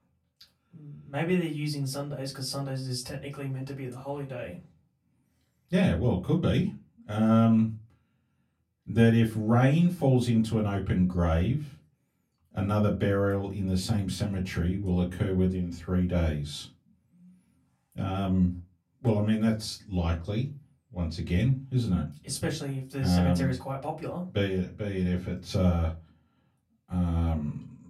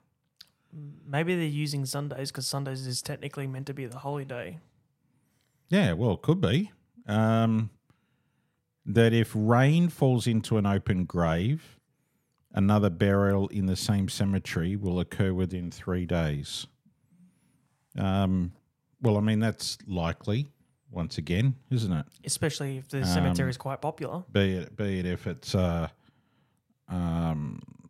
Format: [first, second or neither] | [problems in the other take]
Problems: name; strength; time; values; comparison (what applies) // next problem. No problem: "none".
second | off-mic speech; far // room echo; very slight; dies away in 0.2 s